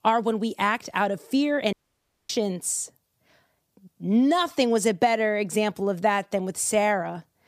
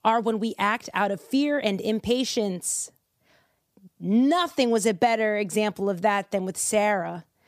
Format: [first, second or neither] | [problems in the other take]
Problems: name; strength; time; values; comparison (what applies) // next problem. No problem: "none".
second | audio cutting out; at 1.5 s for 0.5 s